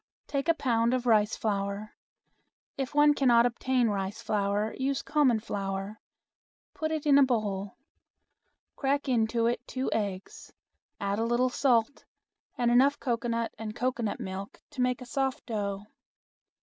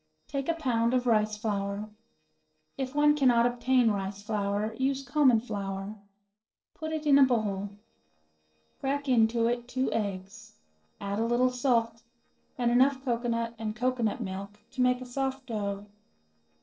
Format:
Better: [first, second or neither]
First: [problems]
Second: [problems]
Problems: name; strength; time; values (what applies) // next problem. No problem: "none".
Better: first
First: none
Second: noise reduction (neural separator model SepFormer DNS4)